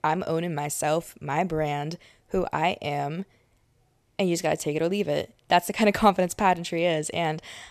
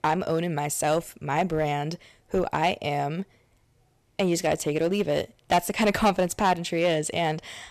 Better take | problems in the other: first | distortion; slight; 4% of the sound clipped

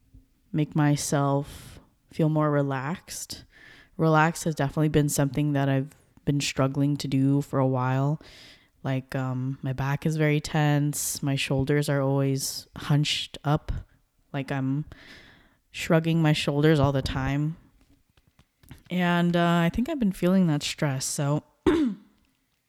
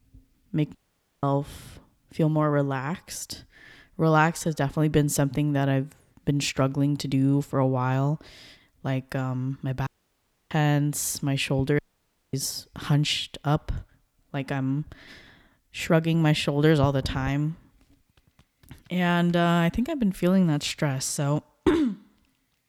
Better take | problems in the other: first | audio cutting out; at 1 s, at 10 s for 0.5 s and at 12 s for 0.5 s

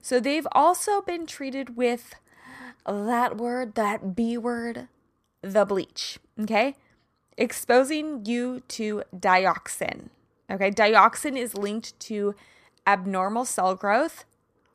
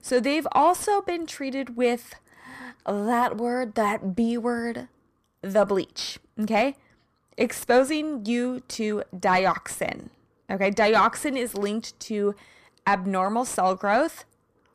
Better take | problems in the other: first | distortion; slight; 10 dB below the speech

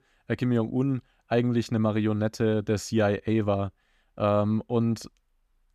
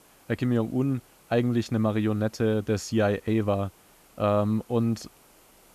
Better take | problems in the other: first | hiss; faint; throughout; 30 dB below the speech

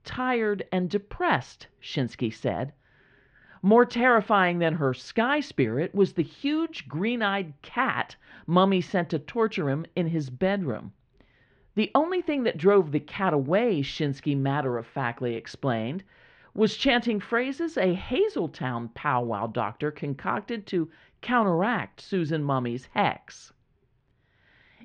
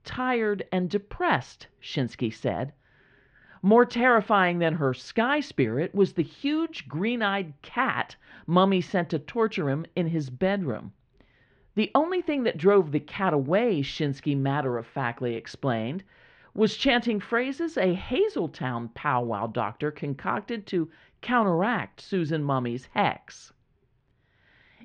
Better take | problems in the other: neither | muffled; very; fading above 2.5 kHz; the same in both

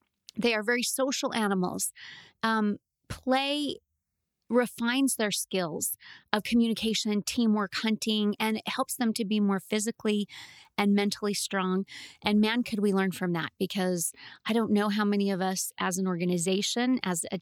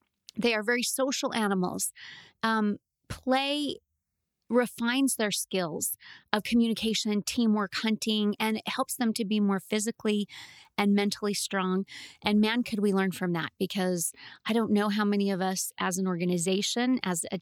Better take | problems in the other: neither | none

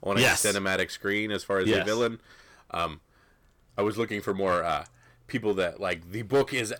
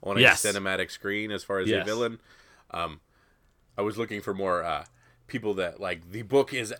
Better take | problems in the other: second | distortion; heavy; 3% of the sound clipped

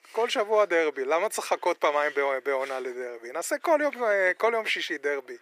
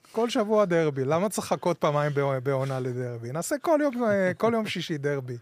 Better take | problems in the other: second | thin; very; fading below 350 Hz

